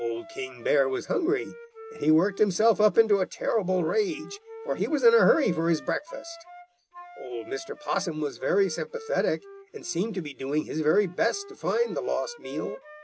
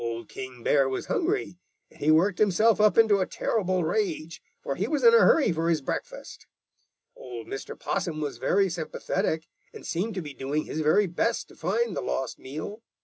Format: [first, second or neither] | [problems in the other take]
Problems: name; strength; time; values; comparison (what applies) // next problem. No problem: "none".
second | background sound (Wind instrument, woodwind instrument); 18 dB below the speech